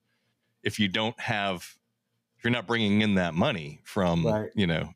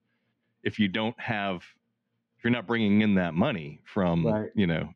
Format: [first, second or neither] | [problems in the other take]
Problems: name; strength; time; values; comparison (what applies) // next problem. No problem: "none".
first | muffled; slightly; fading above 2.5 kHz